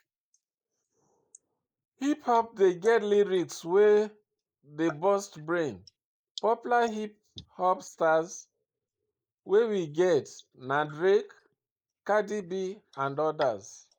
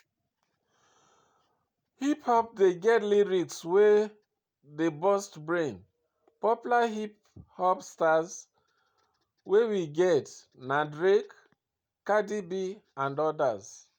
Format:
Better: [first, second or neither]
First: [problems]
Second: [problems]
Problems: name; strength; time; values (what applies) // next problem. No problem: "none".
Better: second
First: noise reduction (neural mask model Resemble Enhance denoiser)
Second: none